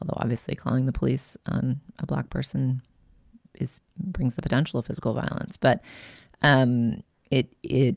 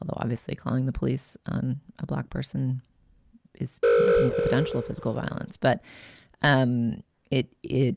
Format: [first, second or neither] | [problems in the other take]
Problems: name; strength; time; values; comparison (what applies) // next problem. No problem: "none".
first | background sound (Alarm); 3 dB above the speech